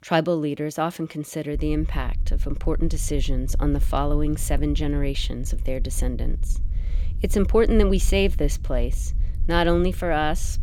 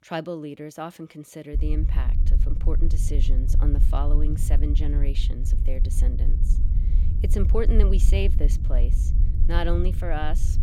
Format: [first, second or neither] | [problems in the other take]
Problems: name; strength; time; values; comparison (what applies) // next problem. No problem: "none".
first | low rumble; loud; from 1.5 s on; 9 dB below the speech; faint in the first